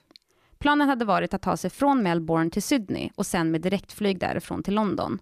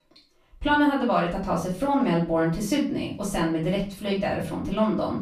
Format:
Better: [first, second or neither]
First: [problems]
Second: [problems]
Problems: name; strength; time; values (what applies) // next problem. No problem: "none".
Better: first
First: none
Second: room echo; slight; dies away in 0.3 s // off-mic speech; far